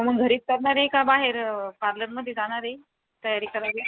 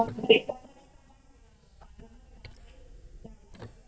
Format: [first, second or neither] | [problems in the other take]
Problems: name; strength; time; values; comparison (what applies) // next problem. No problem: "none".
first | noise reduction (neural mask model DeepFilterNet 3)